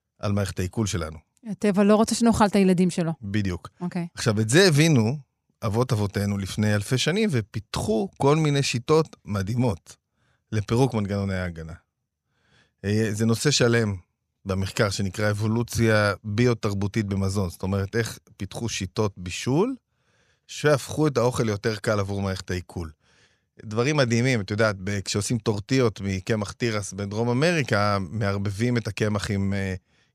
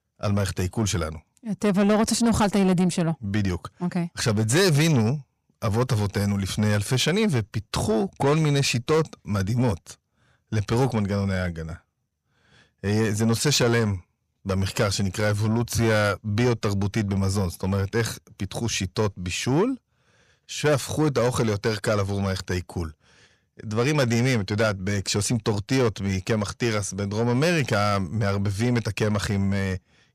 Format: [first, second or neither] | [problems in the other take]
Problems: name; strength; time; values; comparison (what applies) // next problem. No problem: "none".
first | distortion; slight; 10 dB below the speech